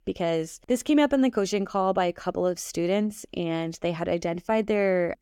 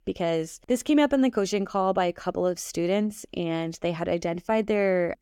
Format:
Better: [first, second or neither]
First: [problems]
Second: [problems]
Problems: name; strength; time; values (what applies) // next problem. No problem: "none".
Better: neither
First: none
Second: none